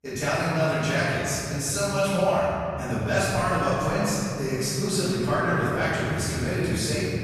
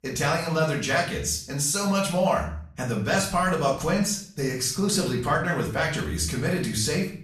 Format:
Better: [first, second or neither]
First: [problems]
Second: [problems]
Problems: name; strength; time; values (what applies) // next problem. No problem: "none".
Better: second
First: room echo; strong; dies away in 2.9 s // off-mic speech; far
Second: room echo; slight; dies away in 0.5 s // off-mic speech; far